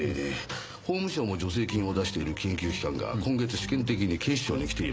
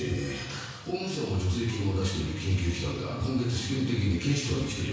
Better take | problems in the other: first | room echo; dies away in 1.1 s

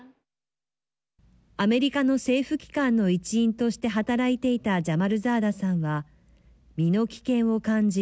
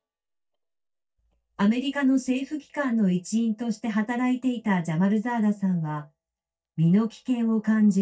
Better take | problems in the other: first | noise reduction (neural mask model DeepFilterNet 3)

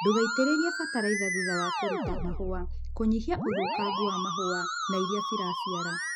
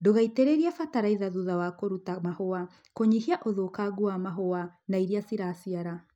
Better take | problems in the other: second | noise reduction (classical method spectral subtraction)

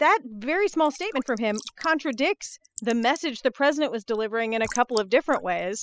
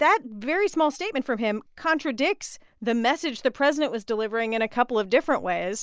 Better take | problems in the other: second | noise reduction (classical method spectral subtraction)

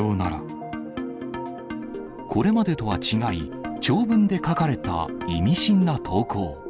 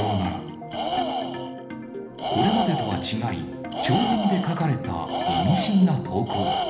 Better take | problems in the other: first | background sound (Tools); 4 dB below the speech // room echo; dies away in 1.1 s

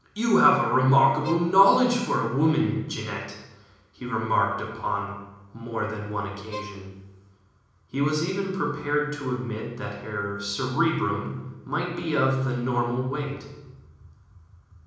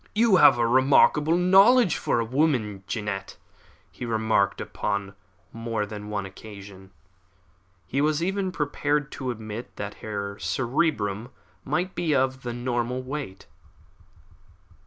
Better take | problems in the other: second | background sound (Bowed string instrument); 15 dB below the speech // room echo; dies away in 1 s

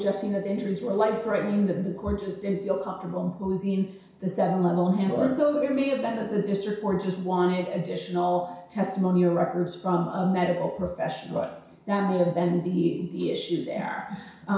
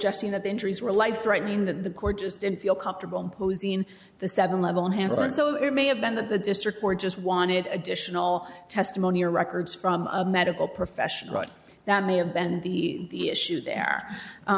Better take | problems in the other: second | room echo; dies away in 0.6 s

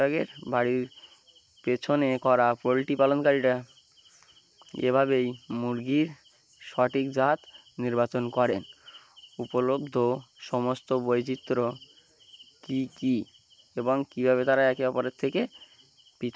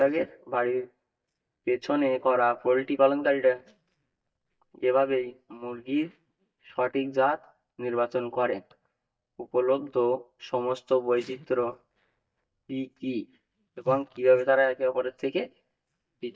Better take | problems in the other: first | noise reduction (neural mask model DeepFilterNet 3)

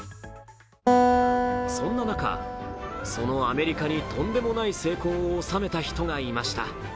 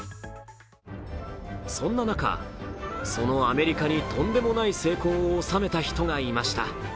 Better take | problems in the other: second | background sound (Acoustic guitar); 2 dB above the speech

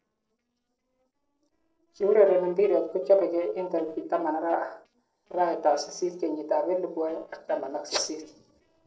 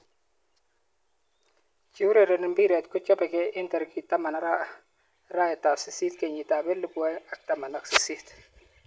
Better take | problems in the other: second | noise reduction (neural separator model SepFormer DNS4)

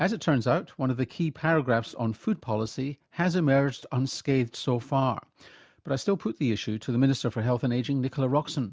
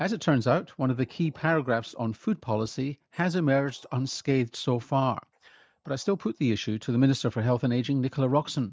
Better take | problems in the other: first | noise reduction (neural mask model DeepFilterNet 3)

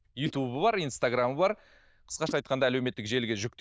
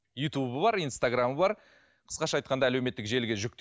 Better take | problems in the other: second | noise reduction (neural diffusion model UNIVERSE++)

